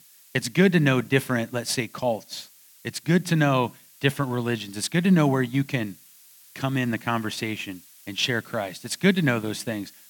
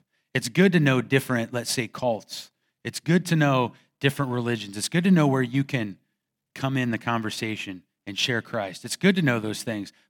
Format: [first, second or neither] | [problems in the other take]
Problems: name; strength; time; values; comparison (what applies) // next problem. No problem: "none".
second | hiss; faint; throughout; 25 dB below the speech